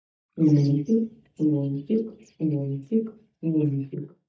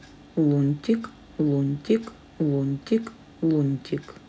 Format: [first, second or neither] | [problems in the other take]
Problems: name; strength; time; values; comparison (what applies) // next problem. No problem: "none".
second | noise reduction (neural mask model DeepFilterNet 3)